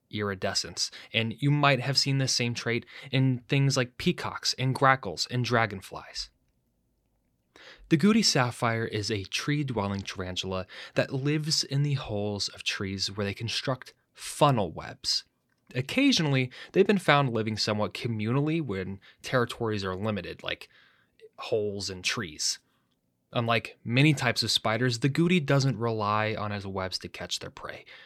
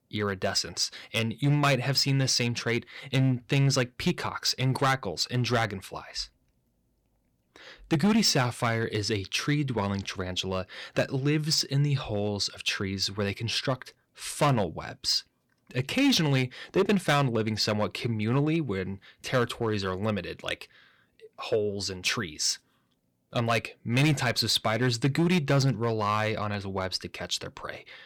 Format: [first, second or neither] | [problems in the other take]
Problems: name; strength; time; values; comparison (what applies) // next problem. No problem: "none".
first | distortion; slight; 4% of the sound clipped